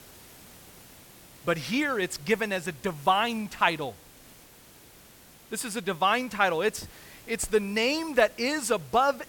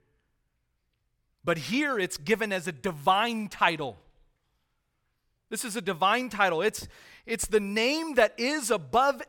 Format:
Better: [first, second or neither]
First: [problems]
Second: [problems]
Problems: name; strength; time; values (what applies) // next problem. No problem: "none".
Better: second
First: hiss; faint; throughout; 25 dB below the speech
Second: none